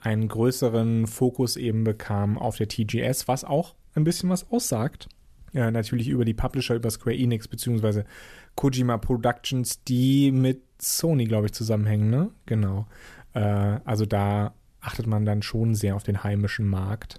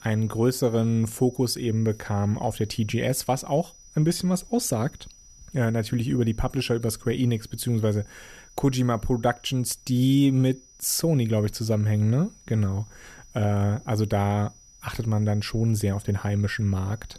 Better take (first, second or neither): first